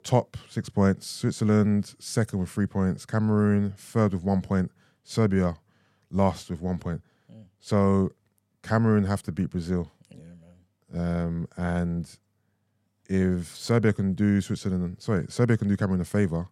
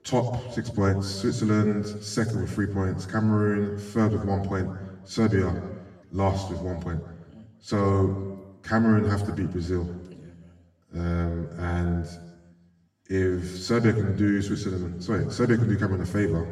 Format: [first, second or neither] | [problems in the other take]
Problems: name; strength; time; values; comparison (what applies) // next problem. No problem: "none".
first | room echo; slight; dies away in 1.2 s // off-mic speech; far